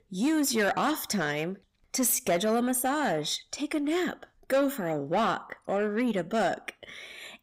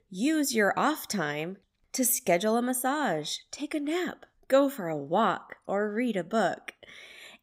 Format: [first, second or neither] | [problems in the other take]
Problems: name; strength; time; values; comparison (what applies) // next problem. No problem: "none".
second | distortion; slight; 10 dB below the speech